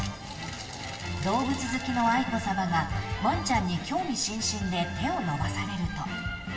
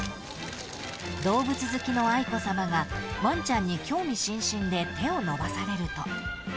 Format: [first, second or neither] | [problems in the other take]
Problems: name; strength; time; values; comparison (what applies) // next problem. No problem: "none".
second | room echo; dies away in 2.4 s